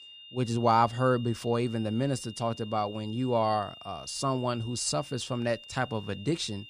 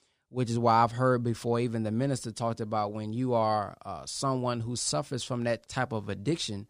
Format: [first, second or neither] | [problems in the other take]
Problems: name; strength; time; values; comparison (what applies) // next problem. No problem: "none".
second | high-pitched whine; noticeable; throughout; 3 kHz, 15 dB below the speech